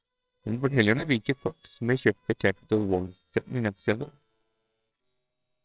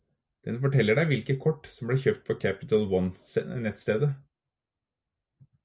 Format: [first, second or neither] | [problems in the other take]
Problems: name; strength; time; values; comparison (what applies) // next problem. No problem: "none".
second | noise reduction (neural separator model SepFormer WHAMR!)